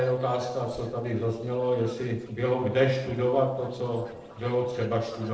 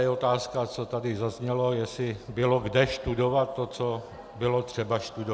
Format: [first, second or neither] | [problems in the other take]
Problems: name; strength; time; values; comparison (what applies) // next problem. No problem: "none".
second | noise reduction (neural separator model SepFormer DNS4)